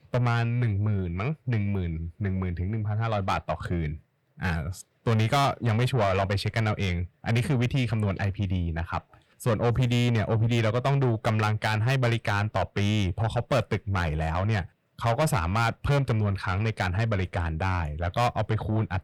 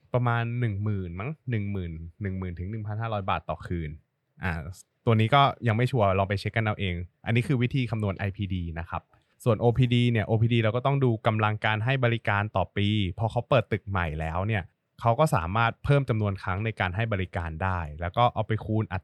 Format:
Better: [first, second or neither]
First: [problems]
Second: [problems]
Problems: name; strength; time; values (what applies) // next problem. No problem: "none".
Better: second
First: distortion; heavy; 7 dB below the speech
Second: none